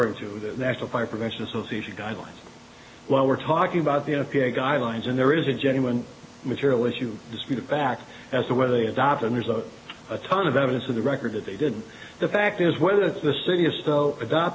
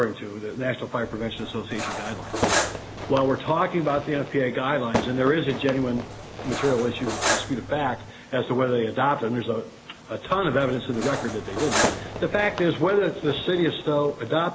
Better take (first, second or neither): first